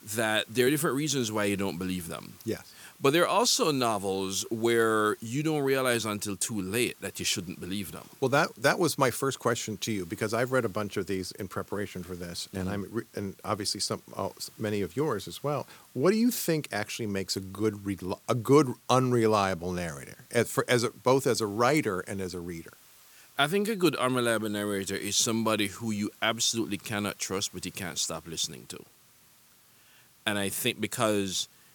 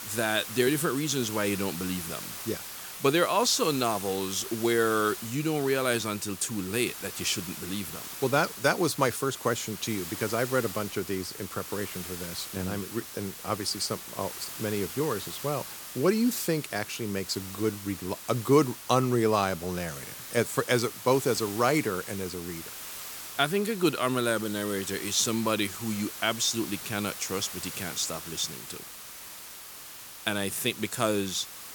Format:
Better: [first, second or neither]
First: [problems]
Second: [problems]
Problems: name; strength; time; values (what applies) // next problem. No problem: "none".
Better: first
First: hiss; faint; throughout; 25 dB below the speech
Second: hiss; loud; throughout; 10 dB below the speech